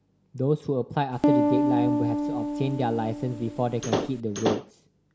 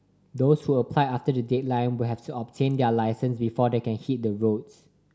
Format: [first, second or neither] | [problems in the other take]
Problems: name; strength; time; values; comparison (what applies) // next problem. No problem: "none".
second | background sound (Piano + Slam / Wood); 3 dB above the speech